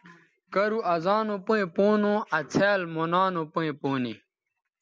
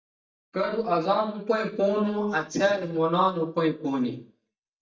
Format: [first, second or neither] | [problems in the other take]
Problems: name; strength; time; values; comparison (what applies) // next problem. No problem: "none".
first | noise reduction (neural mask model DeepFilterNet 3)